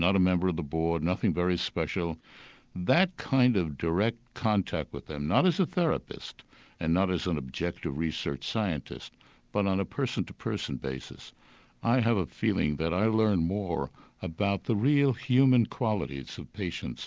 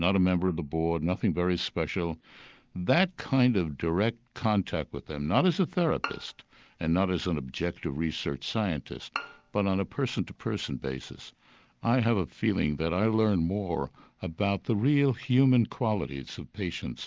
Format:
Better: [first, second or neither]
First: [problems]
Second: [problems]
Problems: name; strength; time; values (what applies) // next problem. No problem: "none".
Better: first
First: none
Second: noise reduction (neural mask model DeepFilterNet 3)